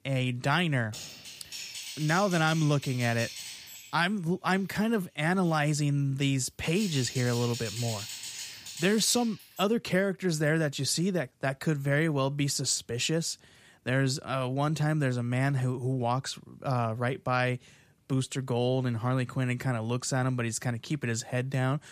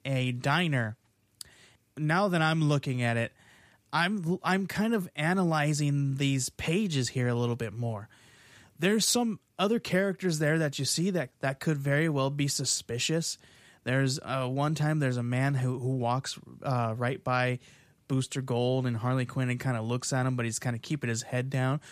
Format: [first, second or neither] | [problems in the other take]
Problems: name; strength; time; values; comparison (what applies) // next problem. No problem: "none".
second | keyboard typing; noticeable; from 1 to 9.5 s; peak 7 dB below the speech